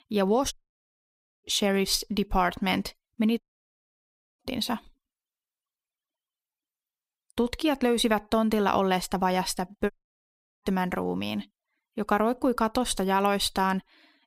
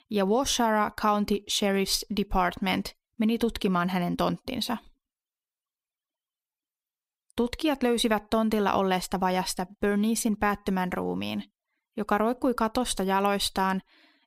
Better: second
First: audio cutting out; at 0.5 s for 1 s, at 3.5 s for 1 s and at 10 s for 0.5 s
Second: none

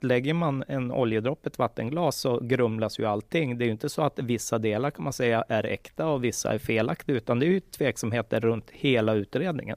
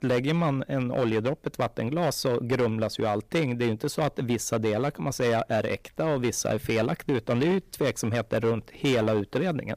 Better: first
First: none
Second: distortion; slight; 7% of the sound clipped

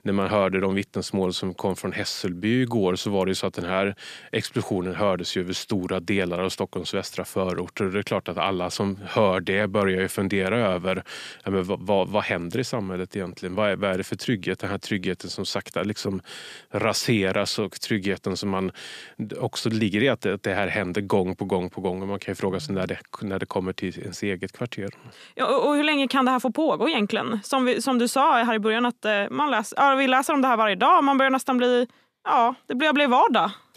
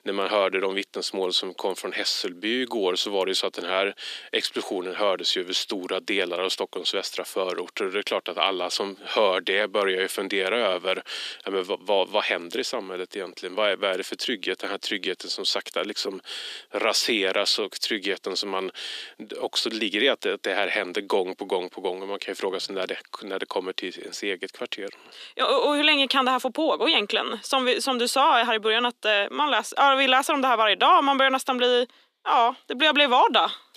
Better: first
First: none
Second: thin; somewhat; fading below 300 Hz

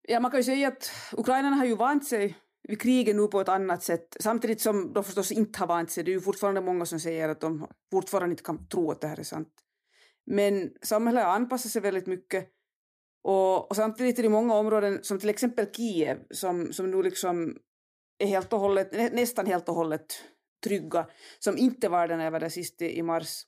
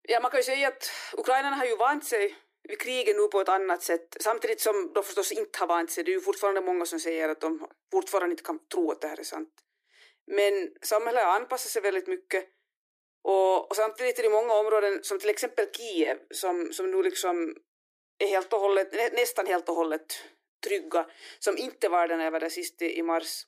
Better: first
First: none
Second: thin; very; fading below 300 Hz

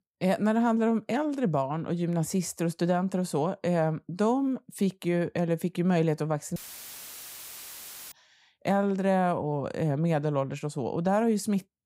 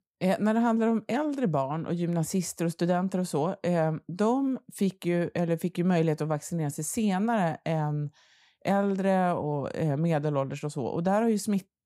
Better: second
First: audio cutting out; filled with static; at 6.5 s for 1.5 s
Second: none

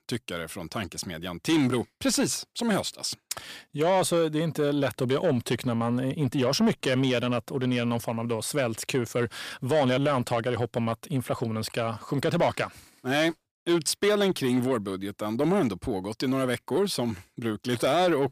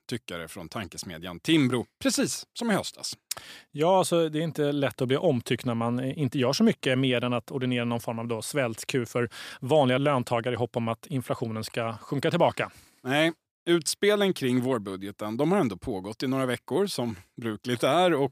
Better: second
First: distortion; slight; 10 dB below the speech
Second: none

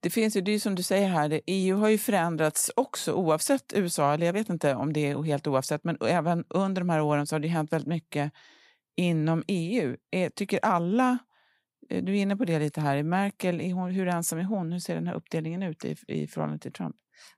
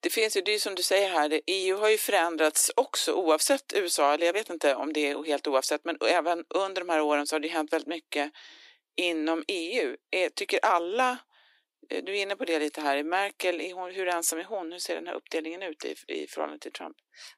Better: first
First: none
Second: thin; very; fading below 300 Hz

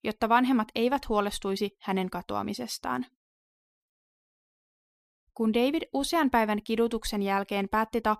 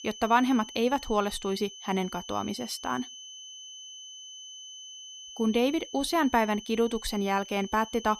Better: first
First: none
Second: high-pitched whine; noticeable; throughout; 3 kHz, 15 dB below the speech

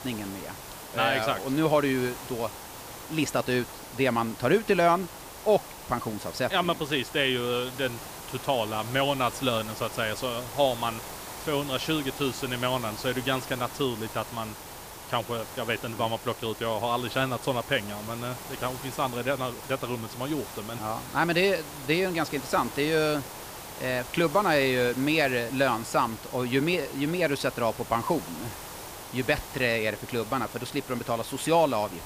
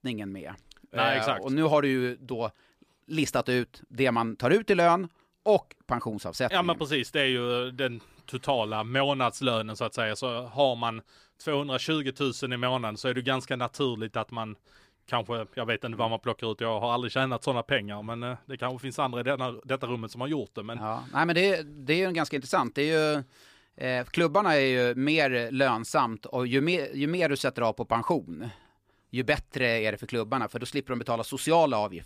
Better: second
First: hiss; noticeable; throughout; 10 dB below the speech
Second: none

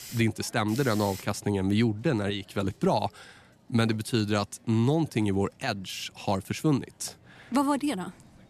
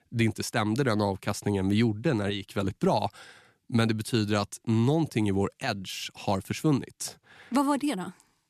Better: second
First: hiss; faint; throughout; 20 dB below the speech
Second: none

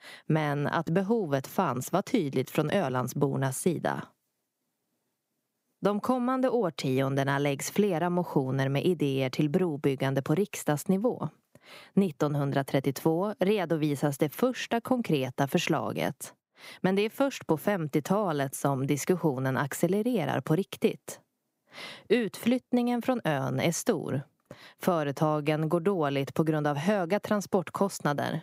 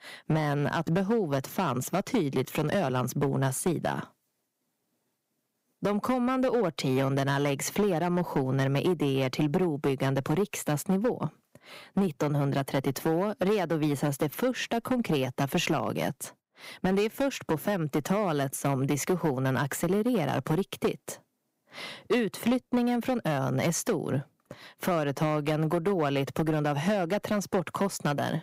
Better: first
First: none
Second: distortion; slight; 7% of the sound clipped

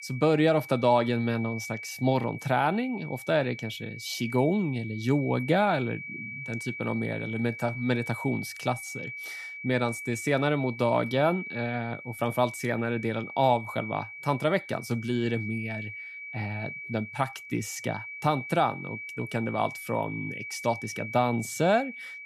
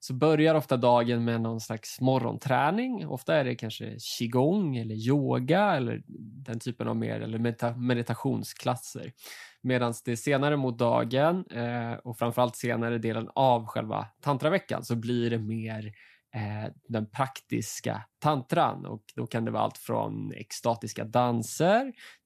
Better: second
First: high-pitched whine; loud; throughout; 2.5 kHz, 10 dB below the speech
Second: none

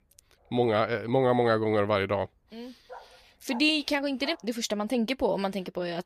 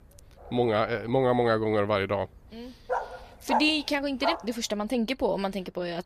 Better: first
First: animal sounds; faint; throughout; 20 dB below the speech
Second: animal sounds; loud; throughout; 5 dB below the speech

